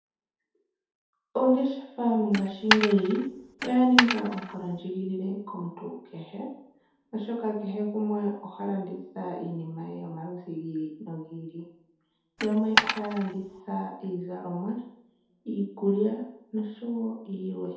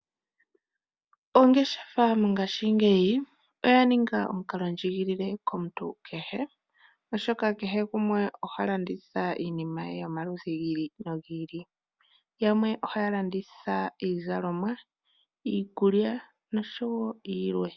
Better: second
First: background sound (Coin (dropping)); 1 dB above the speech // room echo; dies away in 0.8 s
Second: none

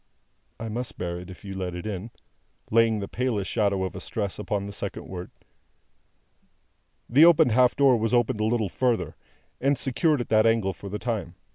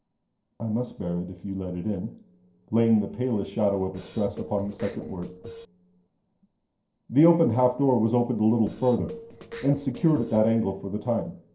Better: first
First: none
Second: noise reduction (neural separator model SepFormer DNS4)

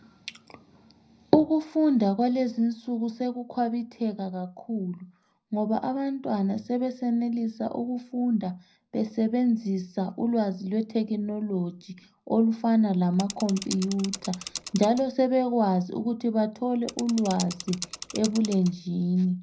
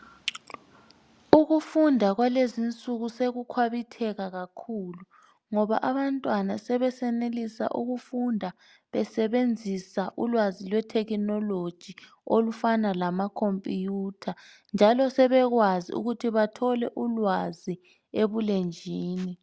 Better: second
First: background sound (Mechanisms / Bicycle); 13 dB below the speech // room echo; dies away in 0.4 s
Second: none

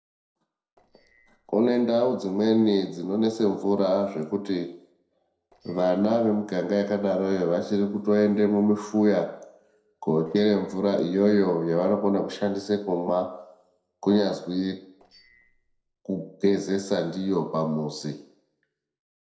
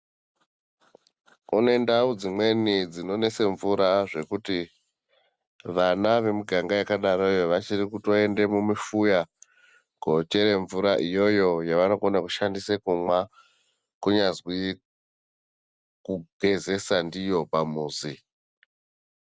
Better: second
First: noise reduction (neural separator model SepFormer DNS4)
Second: none

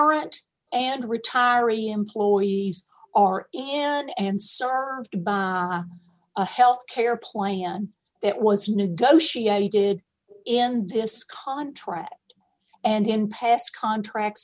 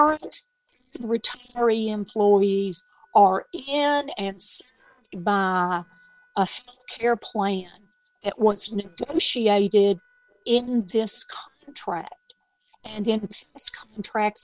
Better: first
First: none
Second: noise reduction (neural separator model SepFormer WHAM!)

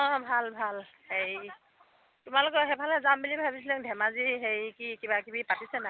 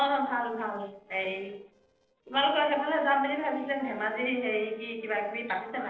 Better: first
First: none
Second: noise reduction (neural separator model SepFormer DNS4)

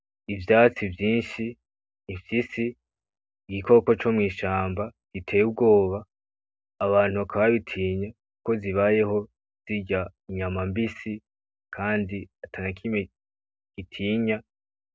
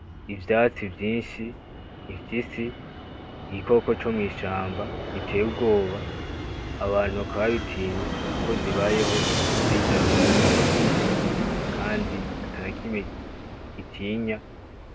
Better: first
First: none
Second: background sound (Fixed-wing aircraft, airplane); 1 dB above the speech

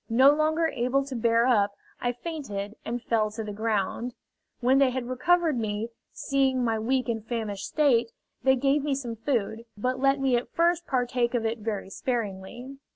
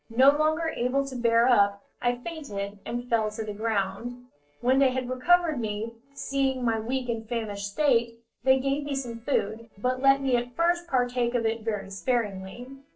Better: first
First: none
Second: noise reduction (neural separator model SepFormer DNS4)

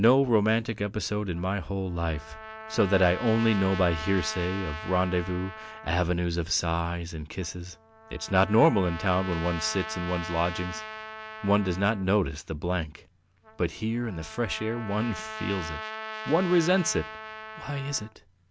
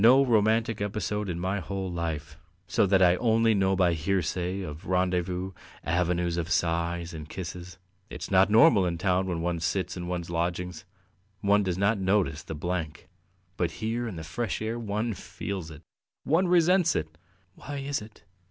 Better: second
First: background sound (Trumpet); 13 dB below the speech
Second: none

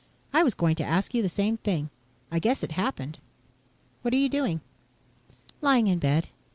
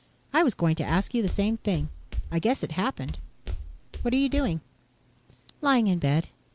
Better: first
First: none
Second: background sound (Walk, footsteps); 6 dB below the speech

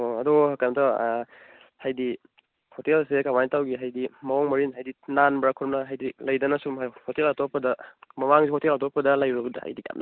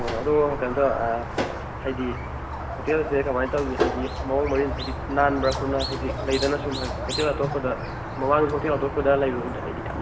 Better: first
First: none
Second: background sound (Squeak); 4 dB below the speech // room echo; dies away in 0.7 s

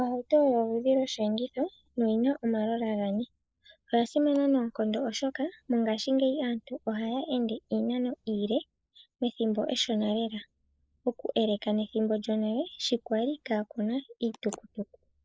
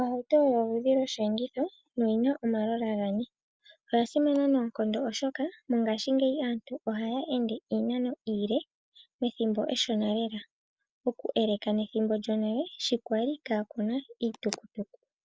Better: second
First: noise reduction (neural mask model Resemble Enhance denoiser)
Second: none

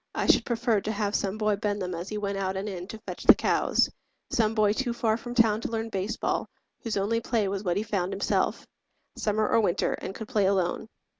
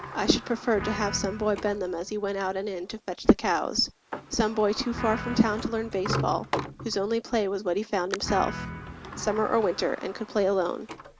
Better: first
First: none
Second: background sound (Guitar + Sliding door); 10 dB below the speech

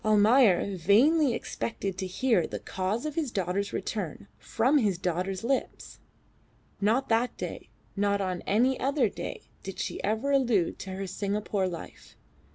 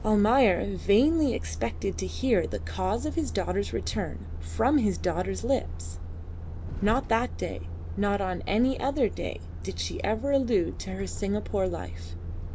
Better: first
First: none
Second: background sound (Truck); 7 dB below the speech

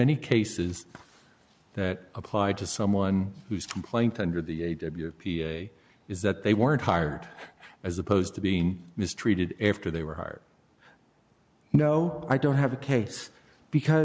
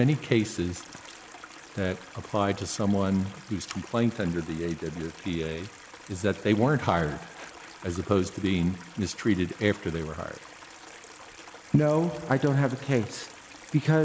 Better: first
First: none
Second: background sound (Stream); 19 dB below the speech

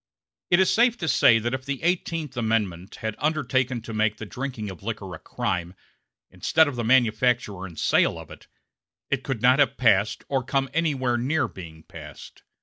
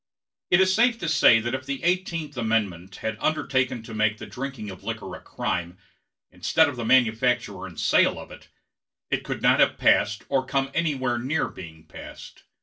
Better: first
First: none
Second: room echo; dies away in 0.2 s

